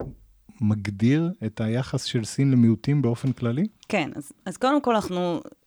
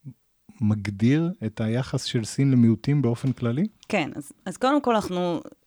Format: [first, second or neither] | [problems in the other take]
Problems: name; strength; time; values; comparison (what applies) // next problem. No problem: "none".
second | door banging; faint; at the start; peak 15 dB below the speech